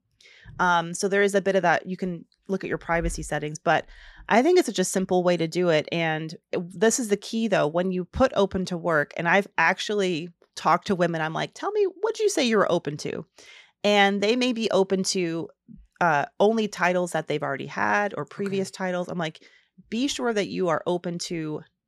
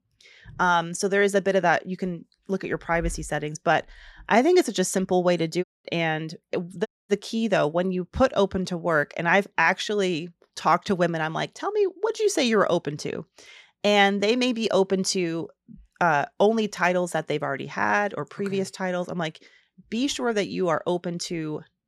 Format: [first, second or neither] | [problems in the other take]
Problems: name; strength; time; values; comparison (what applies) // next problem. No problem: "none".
first | audio cutting out; at 5.5 s and at 7 s